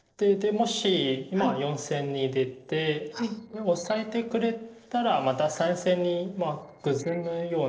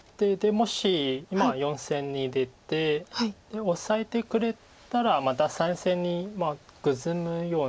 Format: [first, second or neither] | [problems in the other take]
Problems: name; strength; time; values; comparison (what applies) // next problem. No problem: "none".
second | noise reduction (neural separator model SepFormer DNS4)